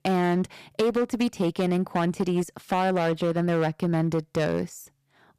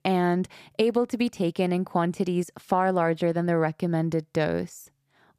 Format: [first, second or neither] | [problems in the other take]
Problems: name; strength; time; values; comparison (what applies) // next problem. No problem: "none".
second | distortion; slight; 10% of the sound clipped